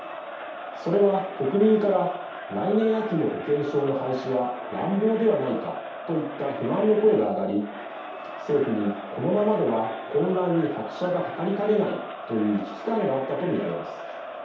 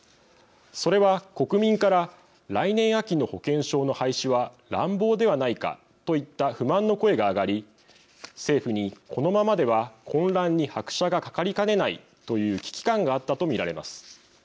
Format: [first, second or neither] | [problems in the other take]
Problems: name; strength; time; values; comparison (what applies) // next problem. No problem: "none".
second | background sound (Crowd); 11 dB below the speech // room echo; dies away in 0.8 s